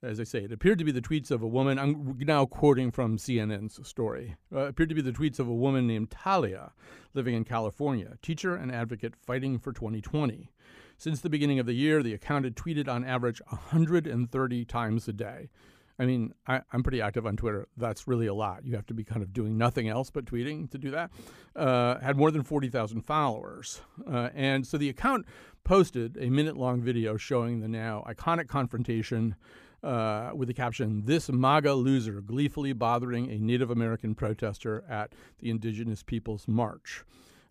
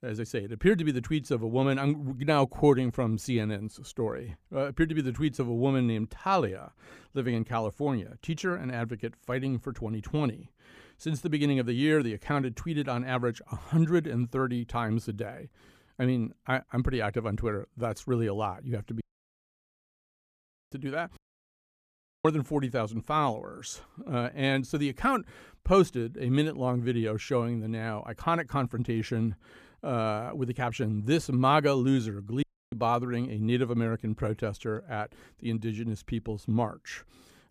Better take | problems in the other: first | audio cutting out; at 19 s for 1.5 s, at 21 s for 1 s and at 32 s

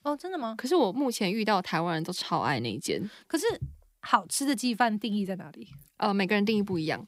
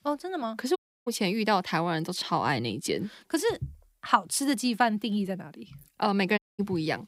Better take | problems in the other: first | audio cutting out; at 1 s and at 6.5 s

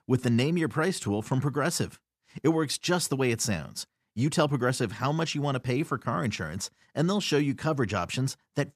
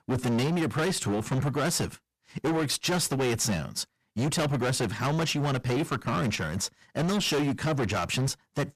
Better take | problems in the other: first | distortion; heavy; 24% of the sound clipped

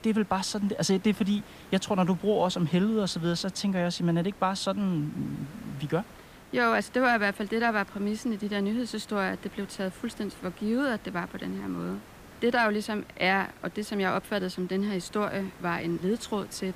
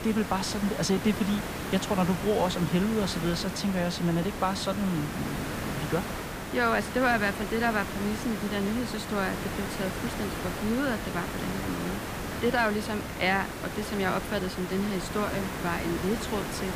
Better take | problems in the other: first | hiss; loud; throughout; 5 dB below the speech; faint in the first

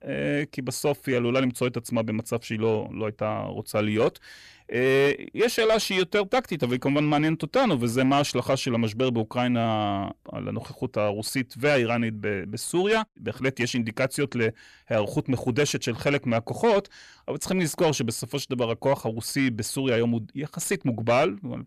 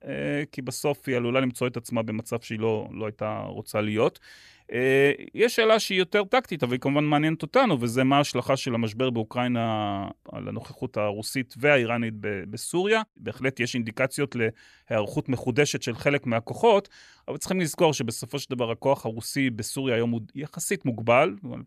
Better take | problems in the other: second | distortion; slight; 10 dB below the speech

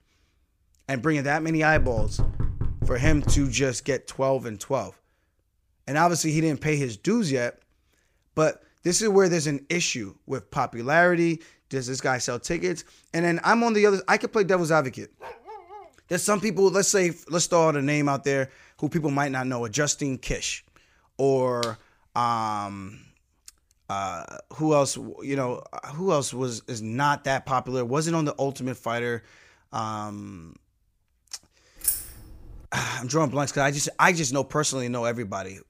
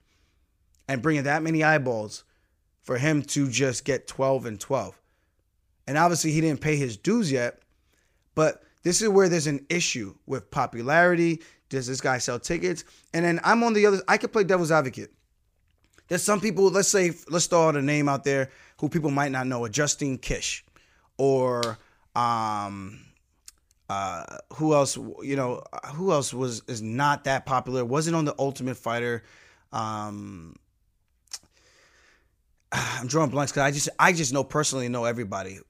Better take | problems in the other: second | door banging; noticeable; from 2 to 3.5 s; peak 2 dB below the speech // dog barking; faint; at 15 s; peak 15 dB below the speech // jangling keys; noticeable; at 32 s; peak 1 dB below the speech

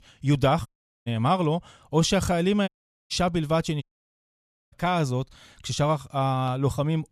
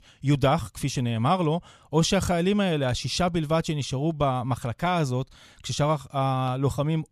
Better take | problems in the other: second | audio cutting out; at 0.5 s, at 2.5 s and at 4 s for 1 s

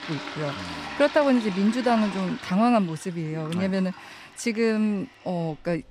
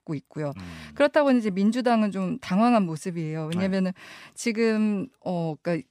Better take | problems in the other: second | household noises; noticeable; throughout; 10 dB below the speech

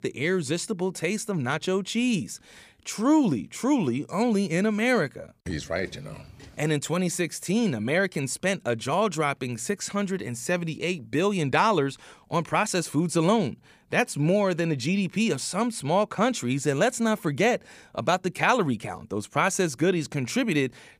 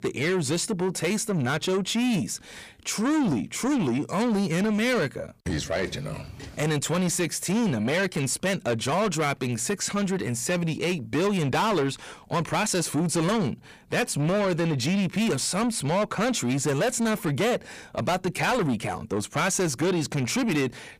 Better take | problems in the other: first | distortion; heavy; 7 dB below the speech

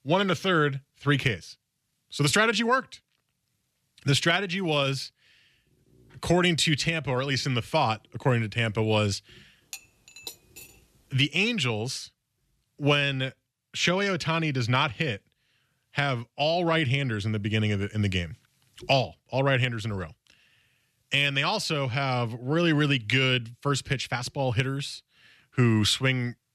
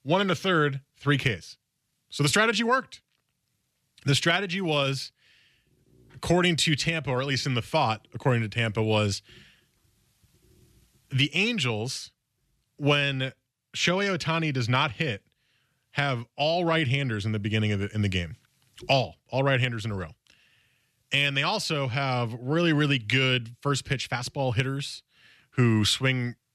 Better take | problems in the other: second | clattering dishes; faint; at 9.5 s; peak 15 dB below the speech

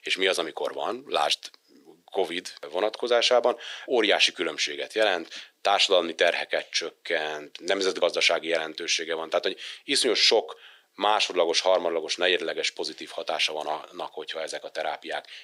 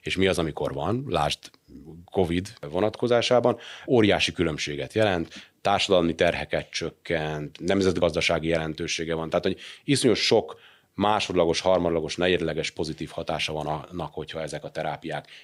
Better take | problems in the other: second | thin; somewhat; fading below 400 Hz

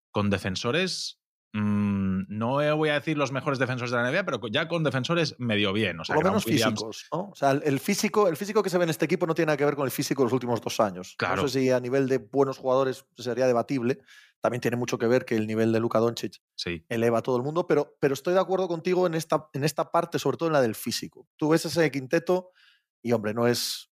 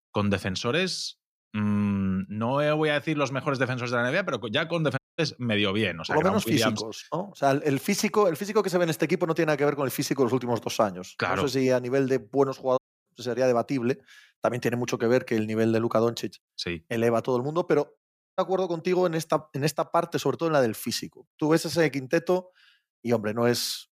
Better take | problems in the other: first | audio cutting out; at 5 s, at 13 s and at 18 s

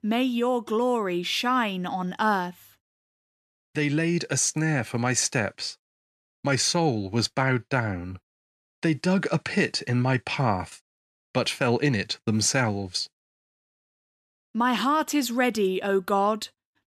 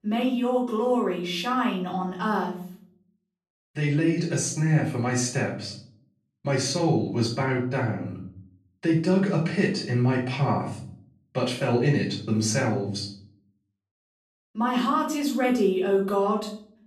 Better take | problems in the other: first | off-mic speech; far // room echo; noticeable; dies away in 0.6 s

